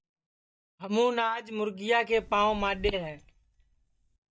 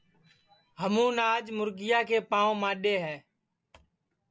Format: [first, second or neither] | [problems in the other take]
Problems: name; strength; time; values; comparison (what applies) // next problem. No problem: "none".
second | noise reduction (neural mask model DeepFilterNet 3)